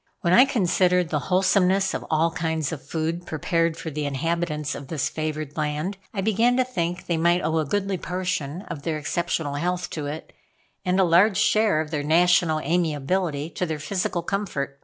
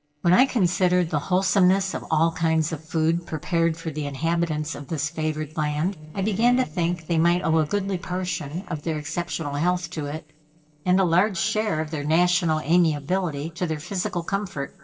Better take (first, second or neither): first